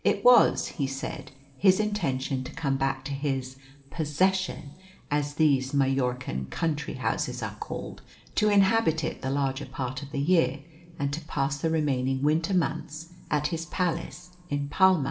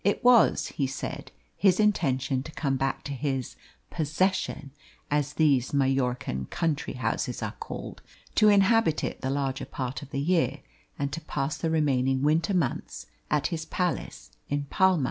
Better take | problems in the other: second | room echo; dies away in 1.7 s

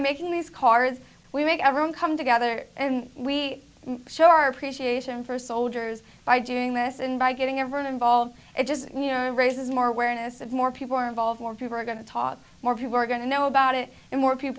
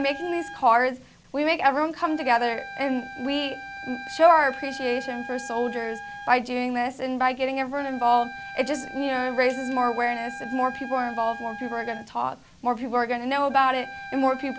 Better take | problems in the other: first | background sound (Wind instrument, woodwind instrument); 14 dB below the speech

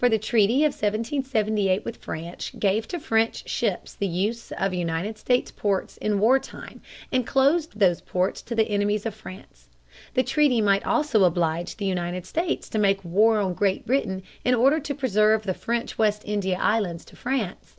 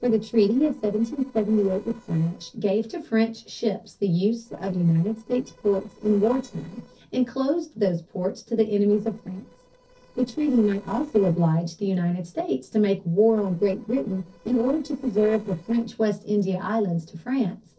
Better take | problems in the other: first | noise reduction (neural separator model SepFormer DNS4)

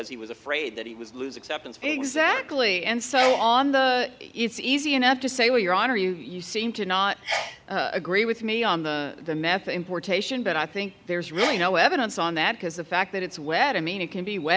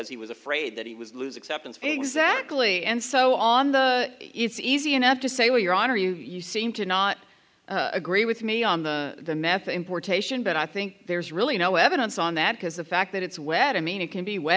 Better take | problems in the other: second | background sound (Sneeze); 15 dB below the speech

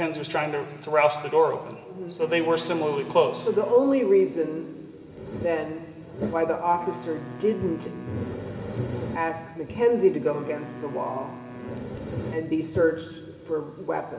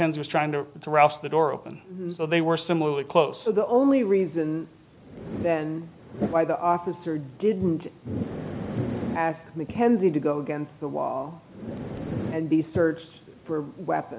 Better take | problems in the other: second | background sound (Wind instrument, woodwind instrument); 17 dB below the speech // room echo; dies away in 2.8 s

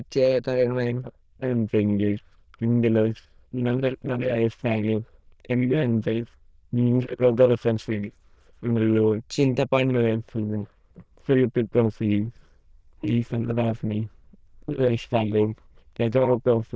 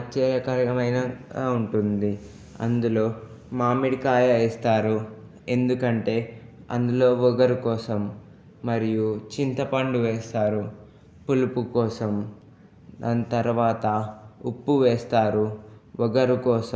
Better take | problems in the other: second | noise reduction (neural diffusion model UNIVERSE++)

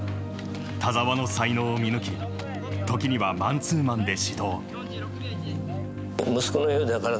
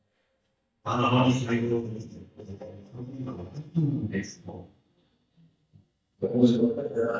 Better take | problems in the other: first | noise reduction (neural mask model DeepFilterNet 3)

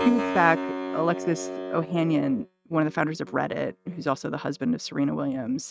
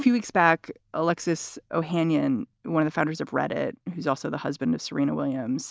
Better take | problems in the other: second | noise reduction (neural mask model RNNoise)

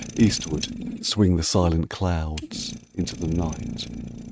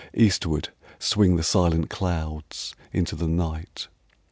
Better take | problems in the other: second | noise reduction (neural mask model RNNoise)

